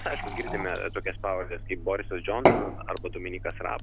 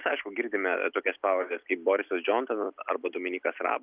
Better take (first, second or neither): second